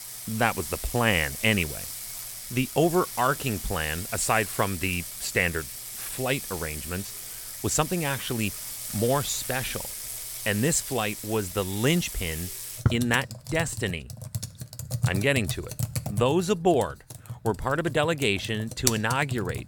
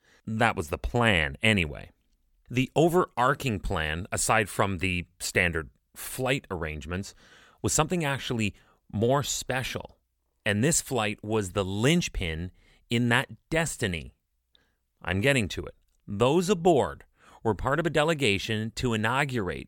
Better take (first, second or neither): second